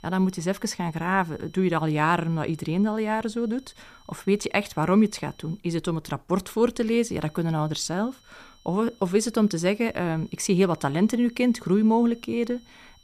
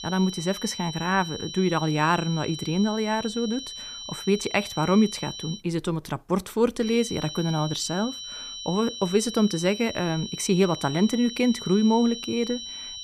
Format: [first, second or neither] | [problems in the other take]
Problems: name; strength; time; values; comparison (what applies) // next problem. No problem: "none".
first | high-pitched whine; loud; until 5.5 s and from 7 s on; 4 kHz, 10 dB below the speech; faint in the first